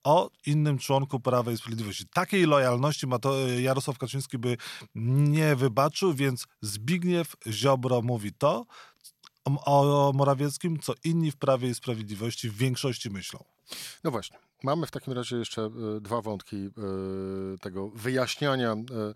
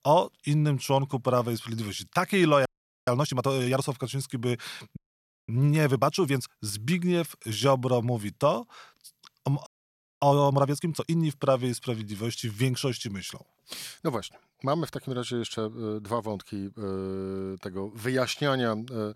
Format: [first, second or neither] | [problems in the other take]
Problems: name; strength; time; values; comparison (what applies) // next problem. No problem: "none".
first | audio freezing; at 2.5 s, at 5 s for 0.5 s and at 9.5 s for 0.5 s